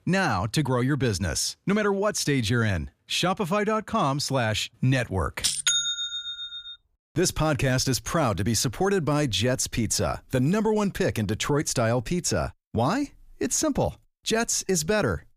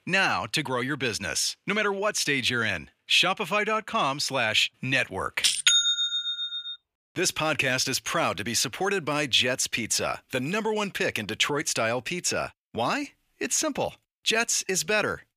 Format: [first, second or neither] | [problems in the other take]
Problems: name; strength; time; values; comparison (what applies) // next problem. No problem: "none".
first | thin; somewhat; fading below 800 Hz